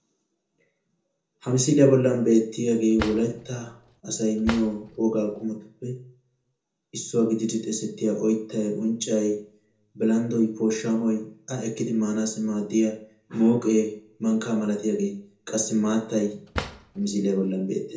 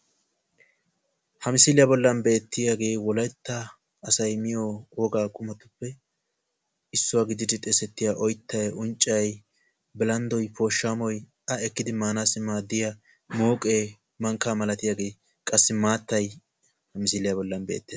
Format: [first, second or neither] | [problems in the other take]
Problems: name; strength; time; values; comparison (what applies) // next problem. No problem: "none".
second | background sound (Drawer open or close); 11 dB below the speech // room echo; dies away in 0.5 s